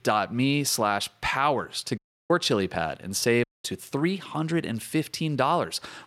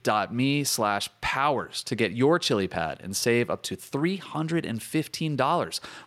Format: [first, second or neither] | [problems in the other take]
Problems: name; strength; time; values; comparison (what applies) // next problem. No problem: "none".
second | audio cutting out; at 2 s and at 3.5 s